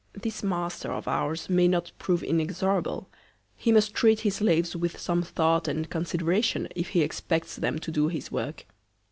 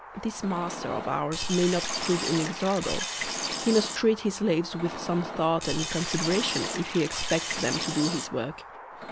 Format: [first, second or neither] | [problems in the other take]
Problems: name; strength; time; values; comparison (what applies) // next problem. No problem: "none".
first | background sound (Liquid); 5 dB below the speech